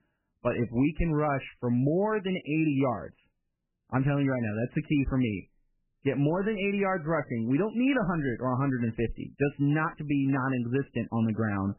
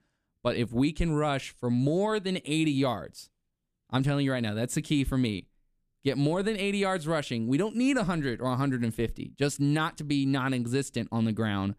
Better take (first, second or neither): second